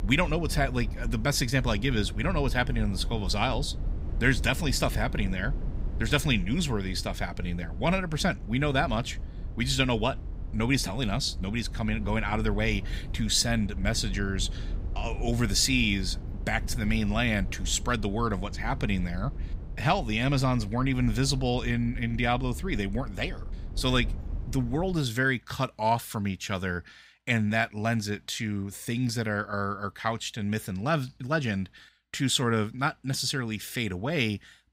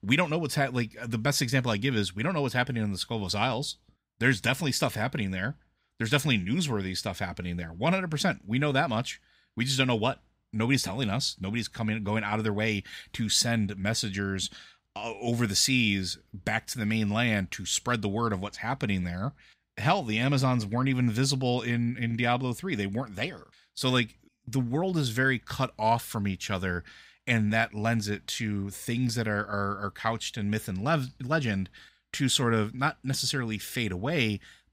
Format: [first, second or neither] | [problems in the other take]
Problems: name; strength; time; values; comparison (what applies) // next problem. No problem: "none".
second | low rumble; faint; until 25 s; 20 dB below the speech